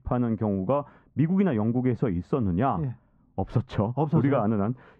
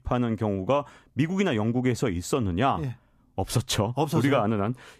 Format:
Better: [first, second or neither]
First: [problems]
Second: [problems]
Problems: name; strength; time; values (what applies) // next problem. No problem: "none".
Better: second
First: muffled; very; fading above 1.5 kHz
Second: none